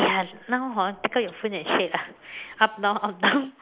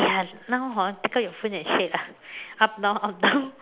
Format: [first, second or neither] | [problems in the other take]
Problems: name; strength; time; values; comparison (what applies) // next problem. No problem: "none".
second | noise reduction (neural mask model Resemble Enhance denoiser)